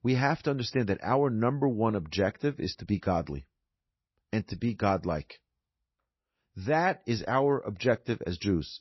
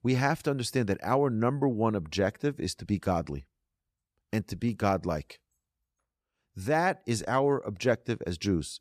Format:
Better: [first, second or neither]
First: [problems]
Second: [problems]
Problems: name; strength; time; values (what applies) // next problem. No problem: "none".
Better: second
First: garbled, watery; slightly; nothing above 6 kHz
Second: none